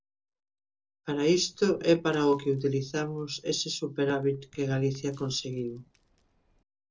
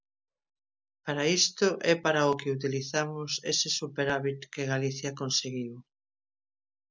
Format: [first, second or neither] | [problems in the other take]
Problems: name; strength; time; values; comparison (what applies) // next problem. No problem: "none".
second | noise reduction (neural separator model SepFormer DNS4)